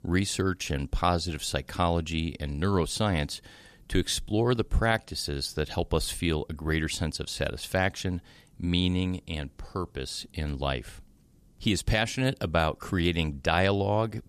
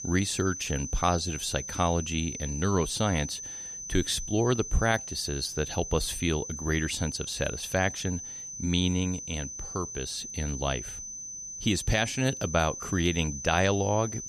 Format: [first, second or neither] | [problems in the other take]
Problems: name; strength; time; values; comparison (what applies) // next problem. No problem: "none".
first | high-pitched whine; loud; throughout; 6 kHz, 7 dB below the speech